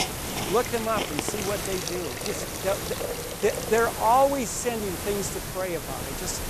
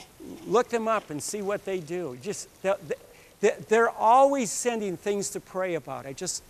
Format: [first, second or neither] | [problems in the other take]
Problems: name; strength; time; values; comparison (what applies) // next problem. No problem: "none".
second | hiss; loud; throughout; 4 dB below the speech; faint in the second